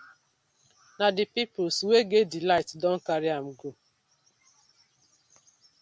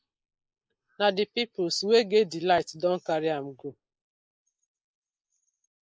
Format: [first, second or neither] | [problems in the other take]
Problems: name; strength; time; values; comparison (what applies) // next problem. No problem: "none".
first | noise reduction (neural mask model Resemble Enhance denoiser)